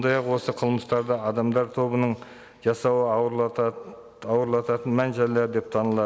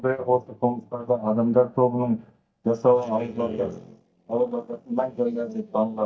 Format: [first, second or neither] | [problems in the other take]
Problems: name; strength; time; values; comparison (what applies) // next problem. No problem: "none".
first | noise reduction (neural mask model DeepFilterNet 3)